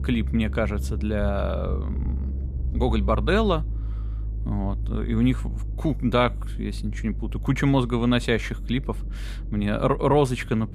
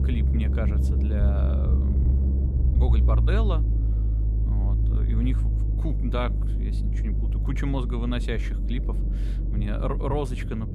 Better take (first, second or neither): first